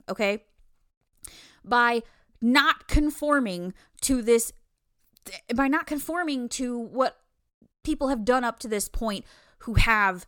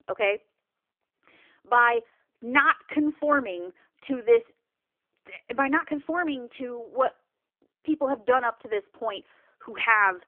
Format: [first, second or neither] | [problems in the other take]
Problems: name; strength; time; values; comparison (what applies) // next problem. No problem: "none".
first | phone-call audio; poor line